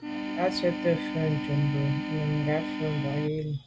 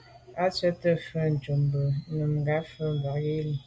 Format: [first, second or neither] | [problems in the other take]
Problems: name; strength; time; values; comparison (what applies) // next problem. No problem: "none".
second | background sound (Organ); 4 dB below the speech